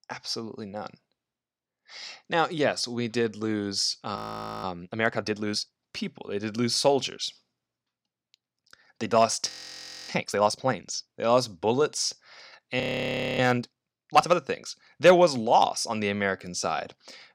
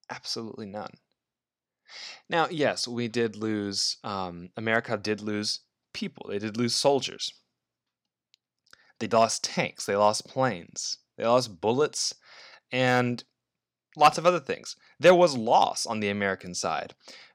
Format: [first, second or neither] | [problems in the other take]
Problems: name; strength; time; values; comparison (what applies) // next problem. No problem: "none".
second | audio freezing; at 4 s, at 9.5 s for 0.5 s and at 13 s for 0.5 s